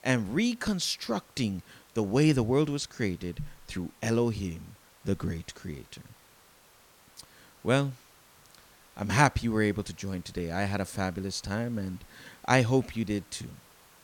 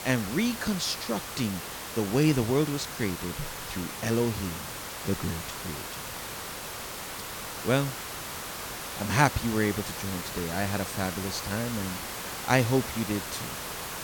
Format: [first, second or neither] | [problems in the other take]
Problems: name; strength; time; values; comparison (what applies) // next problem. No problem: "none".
first | hiss; loud; throughout; 6 dB below the speech; faint in the first